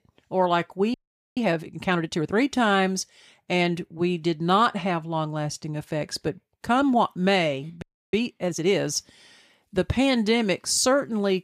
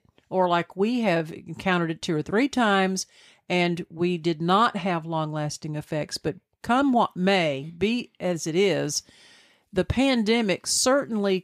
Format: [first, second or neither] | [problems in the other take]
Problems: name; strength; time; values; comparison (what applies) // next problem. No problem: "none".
second | audio freezing; at 1 s and at 8 s